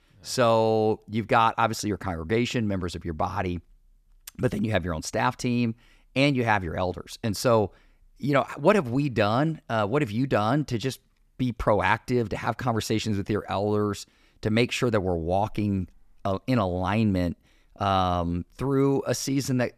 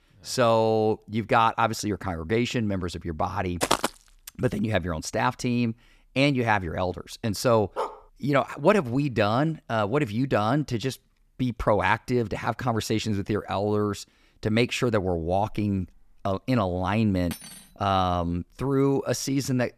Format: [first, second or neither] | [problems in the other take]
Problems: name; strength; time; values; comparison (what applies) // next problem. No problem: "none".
first | footsteps; loud; at 3.5 s; peak 1 dB above the speech // dog barking; noticeable; at 8 s; peak 7 dB below the speech // clattering dishes; faint; at 17 s; peak 15 dB below the speech